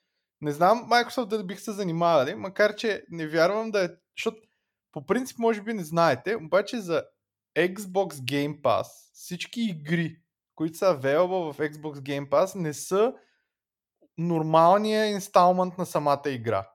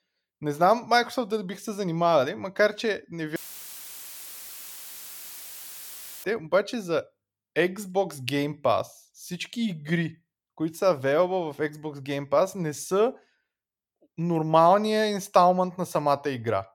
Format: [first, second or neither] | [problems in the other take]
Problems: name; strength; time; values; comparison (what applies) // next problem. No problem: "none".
first | audio cutting out; filled with static; at 3.5 s for 3 s